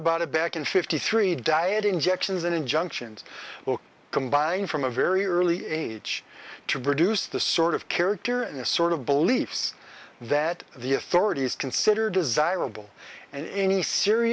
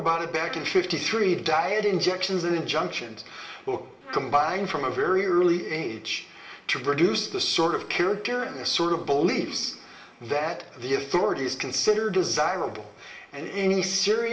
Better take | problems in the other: first | background sound (Trumpet); 20 dB below the speech // room echo; dies away in 0.8 s

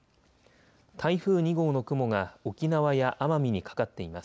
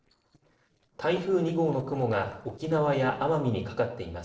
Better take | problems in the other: first | noise reduction (neural separator model SepFormer DNS4)

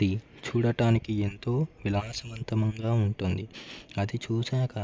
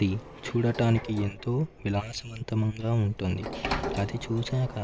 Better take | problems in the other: first | background sound (Sliding door); 10 dB below the speech

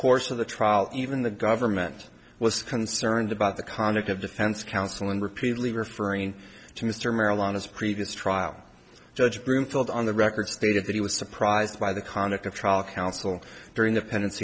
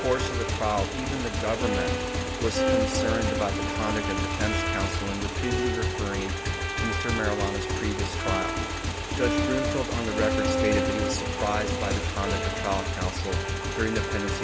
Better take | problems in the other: first | background sound (Motorcycle / Engine + Bowed string instrument); 4 dB above the speech

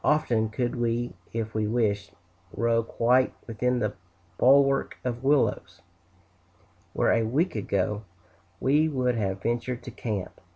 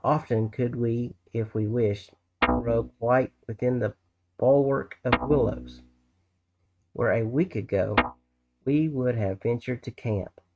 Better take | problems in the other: first | noise reduction (neural mask model RNNoise)

